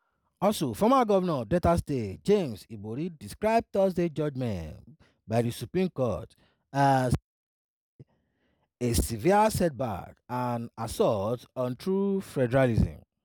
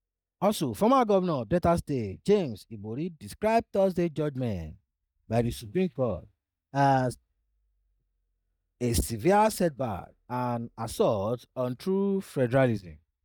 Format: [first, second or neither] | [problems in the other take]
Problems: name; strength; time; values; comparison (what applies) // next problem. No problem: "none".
first | noise reduction (neural mask model DeepFilterNet 3)